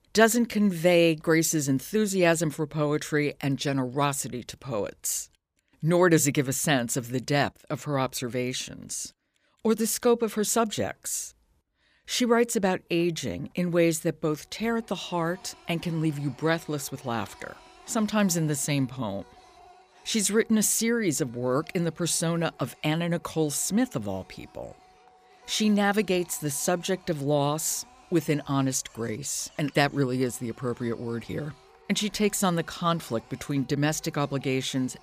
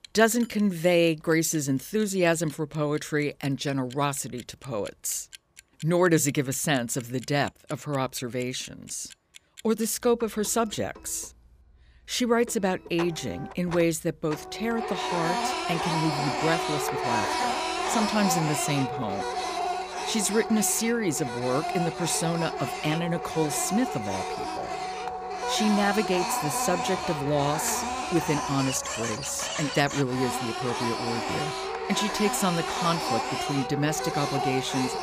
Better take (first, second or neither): first